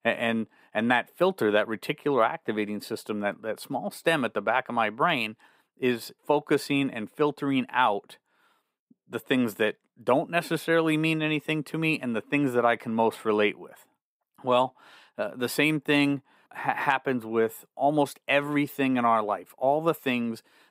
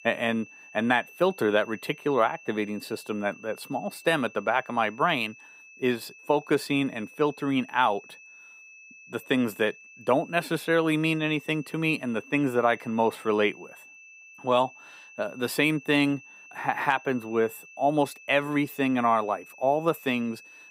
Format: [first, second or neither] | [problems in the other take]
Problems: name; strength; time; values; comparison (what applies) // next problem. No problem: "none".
first | high-pitched whine; faint; throughout; 2.5 kHz, 20 dB below the speech